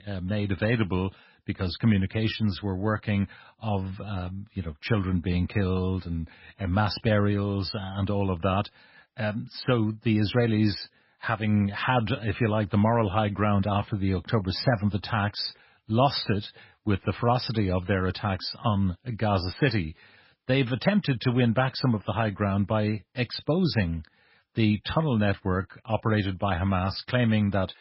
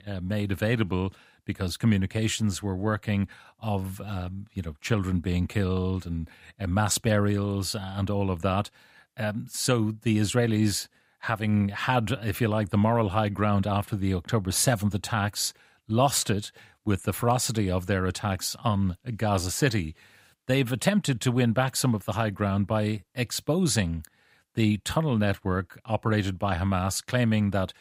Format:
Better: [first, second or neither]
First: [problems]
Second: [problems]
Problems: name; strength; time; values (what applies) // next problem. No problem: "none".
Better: second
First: garbled, watery; badly; nothing above 5.5 kHz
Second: none